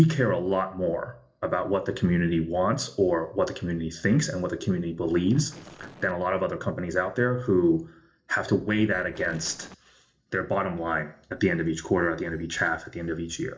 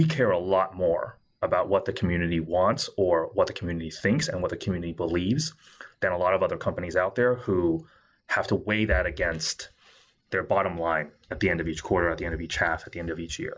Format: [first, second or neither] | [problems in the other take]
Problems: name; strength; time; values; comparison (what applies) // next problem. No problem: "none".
second | noise reduction (neural separator model SepFormer DNS4)